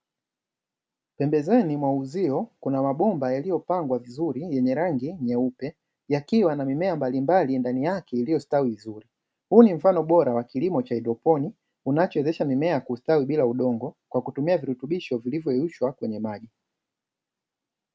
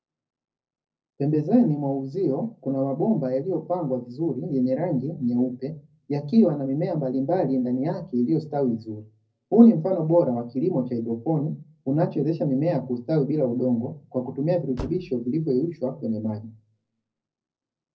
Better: first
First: none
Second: noise reduction (neural separator model SepFormer DNS4)

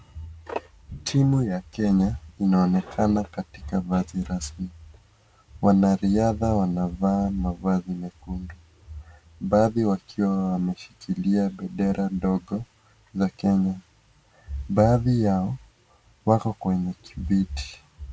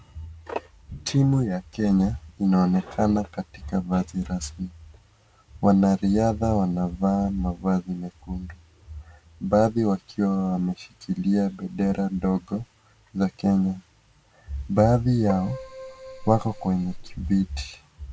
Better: first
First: none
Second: background sound (Keyboard (musical)); 12 dB below the speech

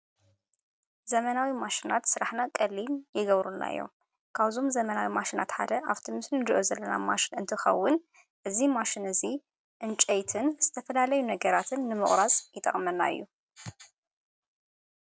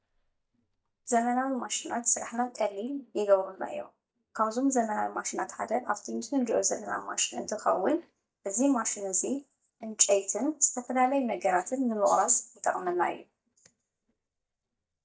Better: first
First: none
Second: noise reduction (neural mask model DeepFilterNet 3)

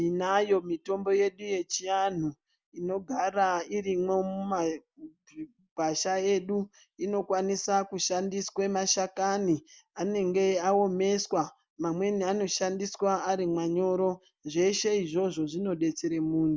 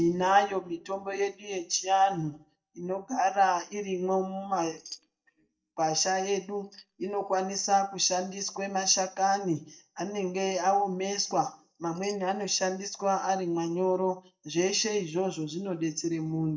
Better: first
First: none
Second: noise reduction (neural mask model DeepFilterNet 3)

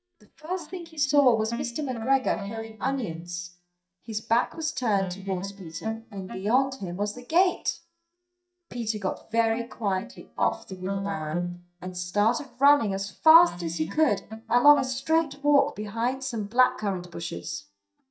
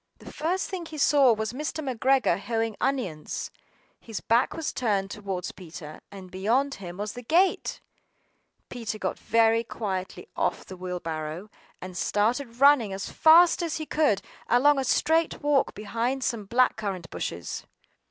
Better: second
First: noise reduction (neural mask model DeepFilterNet 3)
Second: none

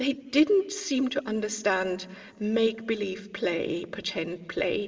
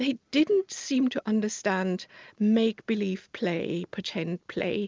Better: second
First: room echo; dies away in 2.7 s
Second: none

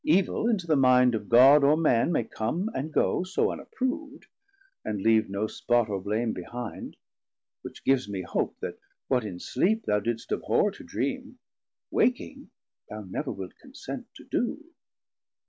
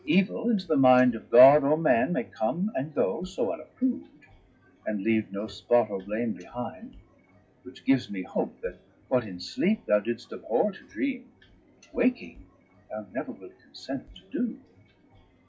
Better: first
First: none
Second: noise reduction (classical method WPE with log-MMSE)

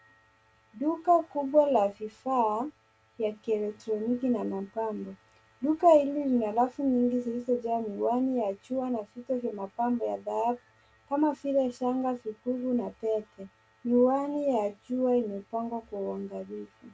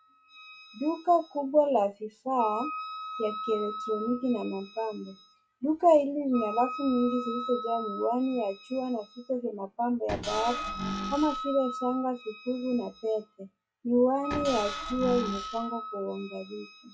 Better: first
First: none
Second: noise reduction (classical method log-MMSE)

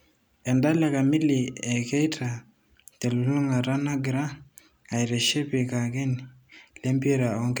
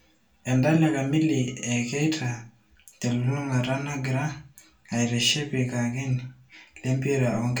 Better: first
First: none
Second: room echo; dies away in 0.3 s

